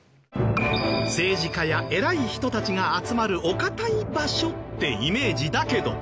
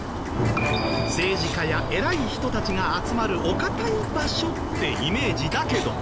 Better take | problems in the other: first | background sound (Bird); 3 dB below the speech

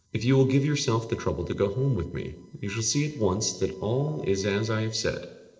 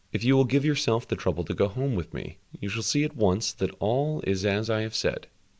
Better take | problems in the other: second | noise reduction (neural separator model SepFormer DNS4)

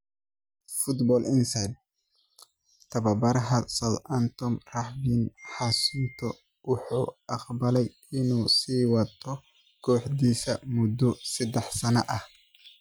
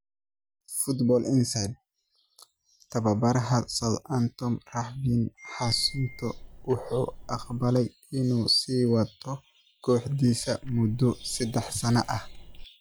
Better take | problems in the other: first | background sound (Tick-tock); 15 dB below the speech

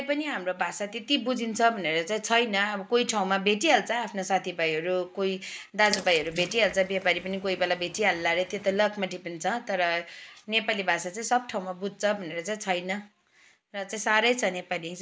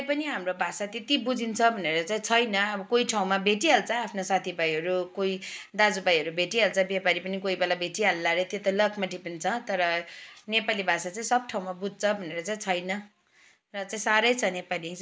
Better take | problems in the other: second | noise reduction (neural mask model Resemble Enhance denoiser)

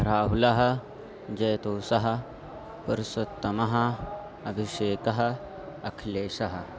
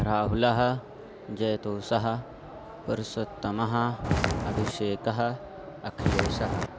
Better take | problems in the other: first | background sound (Walk, footsteps); 2 dB above the speech

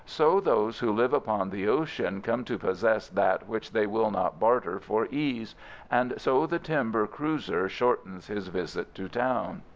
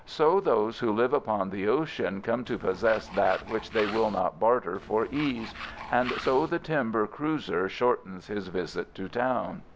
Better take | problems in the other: first | background sound (Tools); 12 dB below the speech

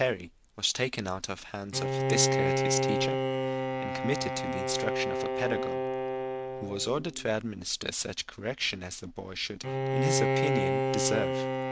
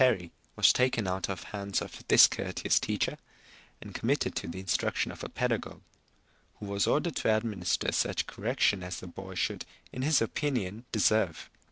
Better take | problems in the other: second | background sound (Bowed string instrument); 2 dB above the speech

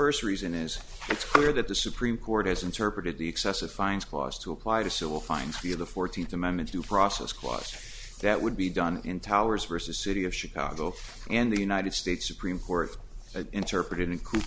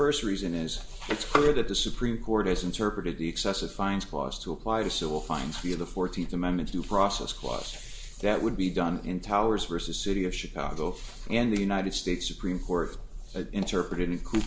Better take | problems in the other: first | room echo; dies away in 0.4 s

